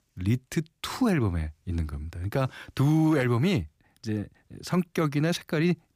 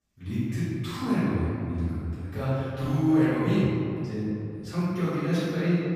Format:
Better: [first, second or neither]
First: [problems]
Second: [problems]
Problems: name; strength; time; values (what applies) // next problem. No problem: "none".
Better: first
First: none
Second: off-mic speech; far // room echo; strong; dies away in 2.4 s